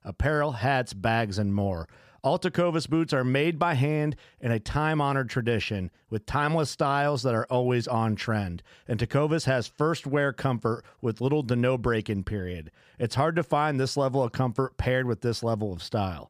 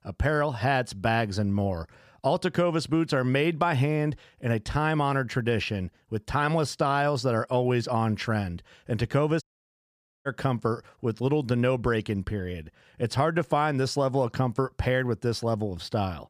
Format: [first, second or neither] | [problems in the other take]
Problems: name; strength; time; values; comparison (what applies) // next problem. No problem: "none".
first | audio cutting out; at 9.5 s for 1 s